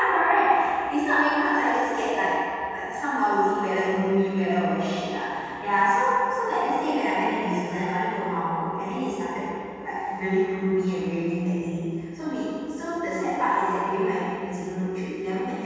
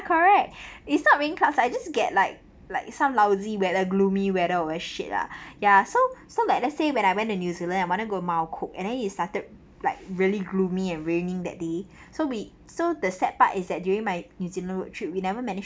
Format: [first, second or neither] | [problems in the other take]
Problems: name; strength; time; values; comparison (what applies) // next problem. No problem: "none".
second | room echo; dies away in 2.1 s